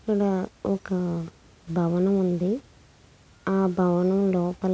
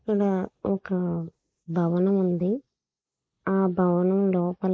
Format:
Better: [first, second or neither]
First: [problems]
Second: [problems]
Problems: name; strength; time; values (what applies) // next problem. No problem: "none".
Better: first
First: none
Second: noise reduction (neural mask model Resemble Enhance denoiser)